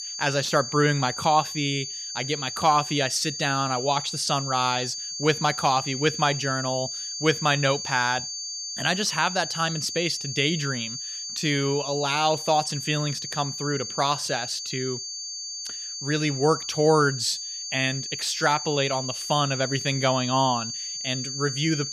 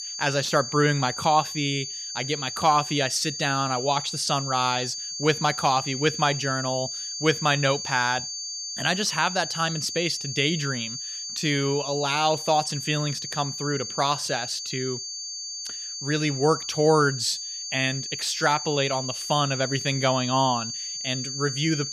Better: neither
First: high-pitched whine; loud; throughout; 4.5 kHz, 6 dB below the speech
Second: high-pitched whine; loud; throughout; 4.5 kHz, 6 dB below the speech

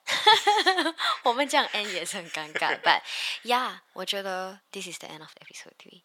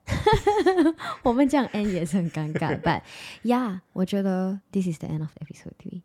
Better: second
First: thin; very; fading below 900 Hz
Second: none

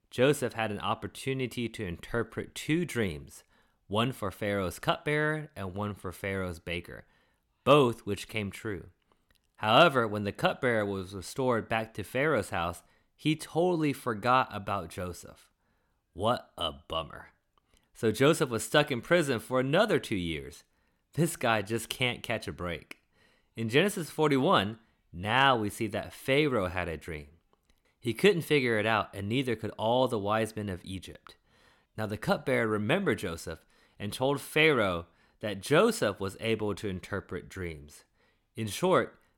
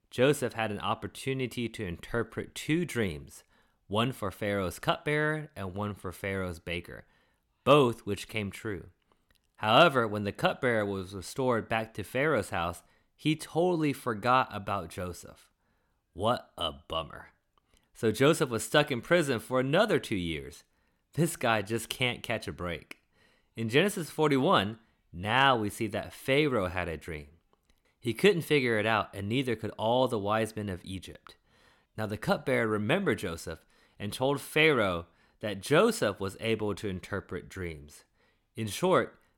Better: neither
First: none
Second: none

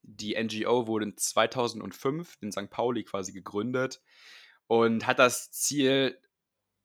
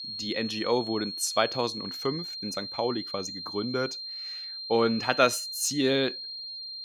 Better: first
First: none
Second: high-pitched whine; loud; throughout; 4 kHz, 6 dB below the speech

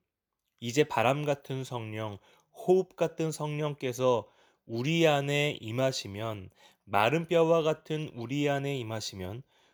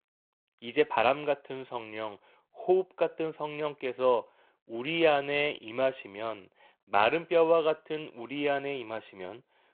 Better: first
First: none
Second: phone-call audio

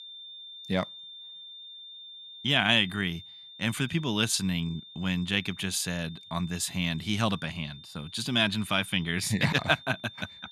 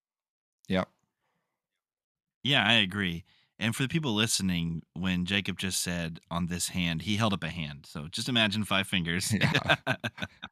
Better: second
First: high-pitched whine; noticeable; throughout; 3.5 kHz, 15 dB below the speech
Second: none

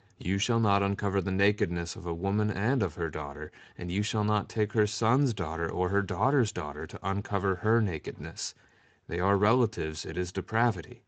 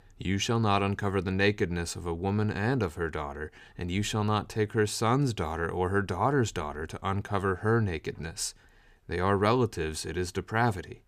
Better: second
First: garbled, watery; slightly; nothing above 7.5 kHz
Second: none

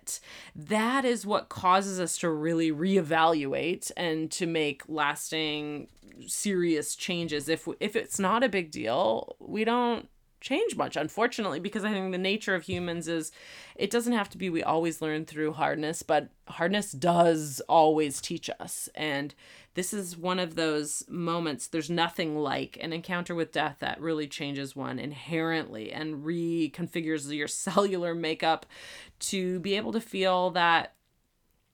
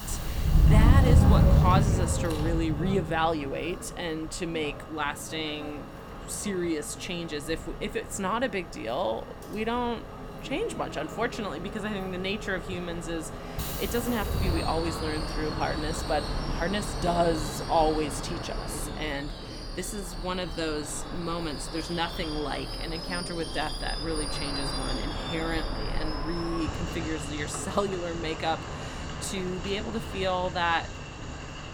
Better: first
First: none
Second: train or aircraft noise; very loud; throughout; 1 dB above the speech

